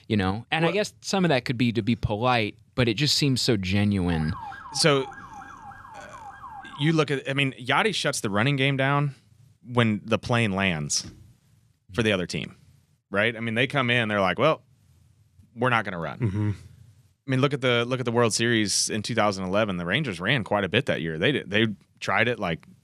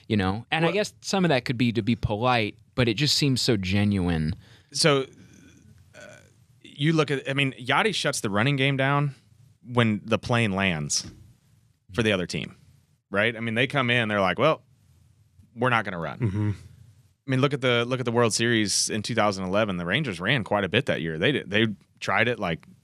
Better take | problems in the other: second | siren; faint; from 4 to 7 s; peak 15 dB below the speech

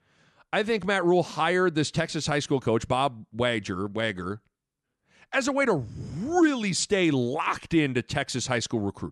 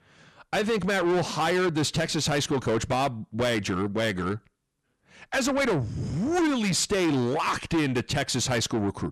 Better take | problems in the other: first | distortion; heavy; 7 dB below the speech

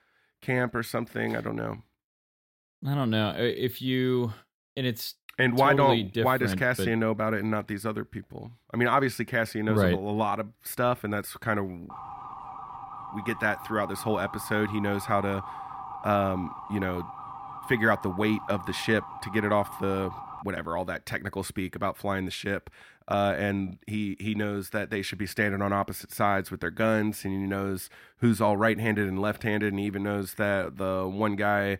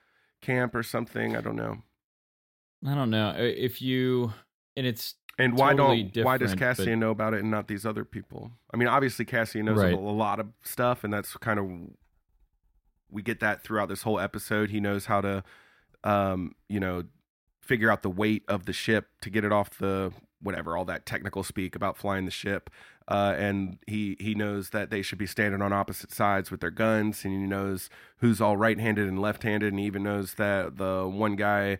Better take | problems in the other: second | siren; faint; from 12 to 20 s; peak 10 dB below the speech

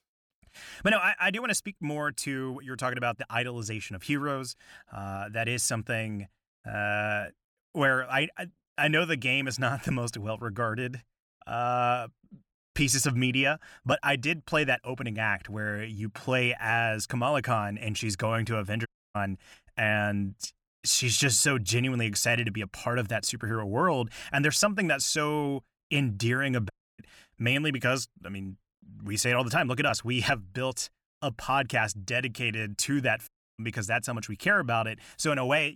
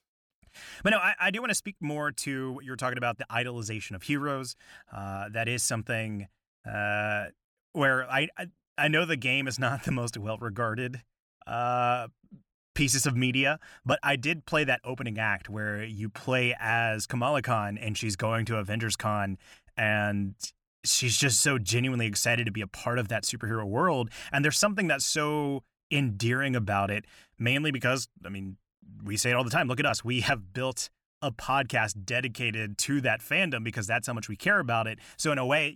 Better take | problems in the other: second | audio cutting out; at 19 s, at 27 s and at 33 s

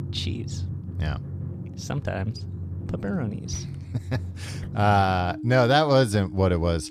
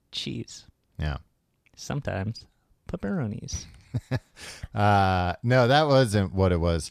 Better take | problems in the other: second | background music; noticeable; throughout; 10 dB below the speech

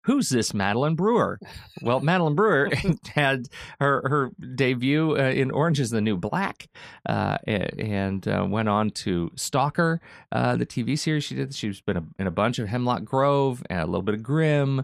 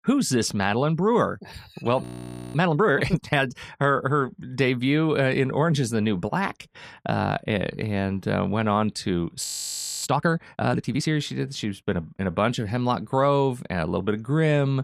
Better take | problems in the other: first | audio freezing; at 2 s for 0.5 s and at 9.5 s for 0.5 s

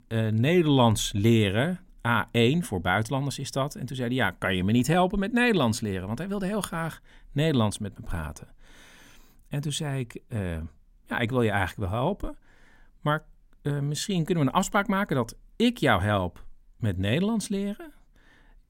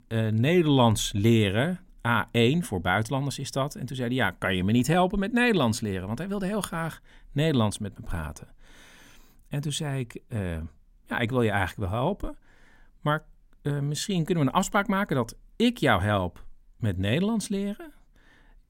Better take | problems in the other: neither | none

